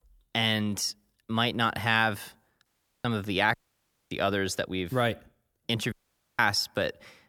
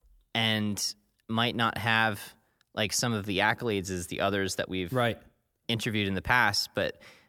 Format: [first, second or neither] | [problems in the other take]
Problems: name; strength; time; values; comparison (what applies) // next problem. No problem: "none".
second | audio cutting out; at 2.5 s, at 3.5 s for 0.5 s and at 6 s